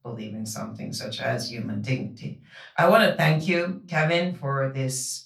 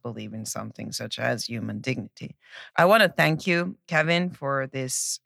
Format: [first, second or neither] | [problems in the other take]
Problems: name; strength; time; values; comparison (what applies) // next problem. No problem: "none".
second | off-mic speech; far // room echo; very slight; dies away in 0.3 s